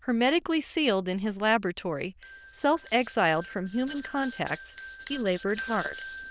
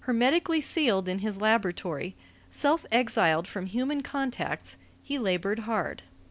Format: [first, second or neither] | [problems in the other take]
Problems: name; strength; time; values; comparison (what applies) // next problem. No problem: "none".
second | noise reduction (neural diffusion model UNIVERSE++)